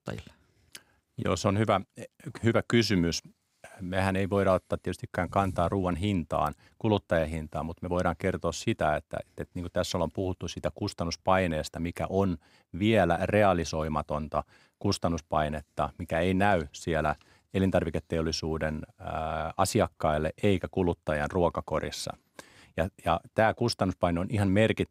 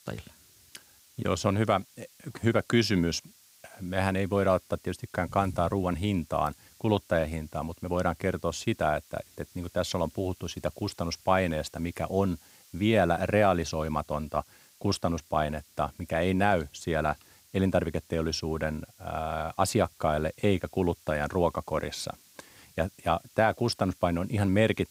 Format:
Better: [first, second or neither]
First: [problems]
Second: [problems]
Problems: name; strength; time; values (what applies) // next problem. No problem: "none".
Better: first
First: none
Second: hiss; faint; throughout; 25 dB below the speech